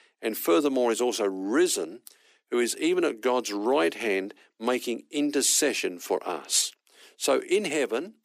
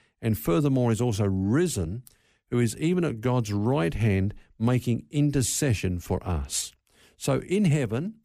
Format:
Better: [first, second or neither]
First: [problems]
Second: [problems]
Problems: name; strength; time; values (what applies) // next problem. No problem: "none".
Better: second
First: thin; somewhat; fading below 300 Hz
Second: none